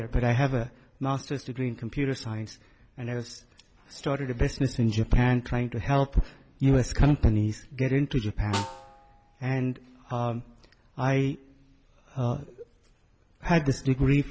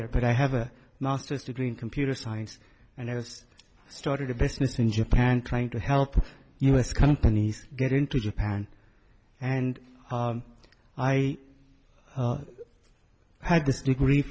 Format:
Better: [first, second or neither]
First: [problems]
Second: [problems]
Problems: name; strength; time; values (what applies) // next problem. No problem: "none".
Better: second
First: background sound (Snare drum); 14 dB below the speech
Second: none